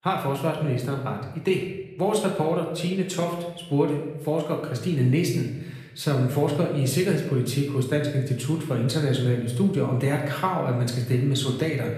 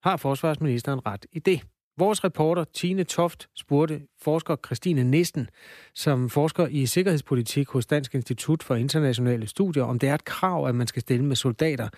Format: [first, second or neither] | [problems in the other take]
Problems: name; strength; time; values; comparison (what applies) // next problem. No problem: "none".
second | room echo; noticeable; dies away in 0.8 s // off-mic speech; somewhat distant